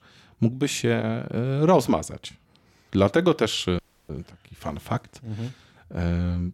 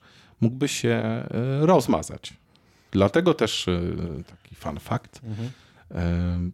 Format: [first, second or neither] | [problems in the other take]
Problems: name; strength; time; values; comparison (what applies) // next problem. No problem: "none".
second | audio cutting out; at 4 s